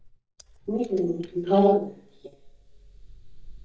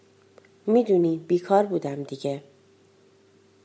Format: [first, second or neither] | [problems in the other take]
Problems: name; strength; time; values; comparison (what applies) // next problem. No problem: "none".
second | noise reduction (neural mask model DeepFilterNet 3)